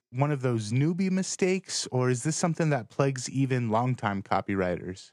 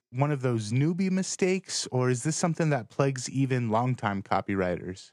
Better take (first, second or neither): neither